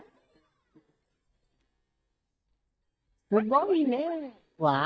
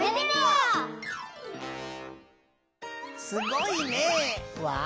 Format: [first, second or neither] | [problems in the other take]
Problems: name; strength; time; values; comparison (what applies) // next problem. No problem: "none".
second | noise reduction (neural mask model DeepFilterNet 3)